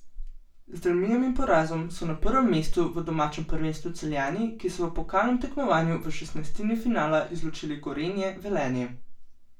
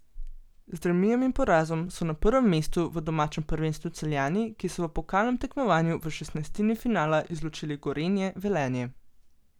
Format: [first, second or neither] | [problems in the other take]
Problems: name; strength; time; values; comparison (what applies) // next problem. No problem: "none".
second | room echo; dies away in 0.3 s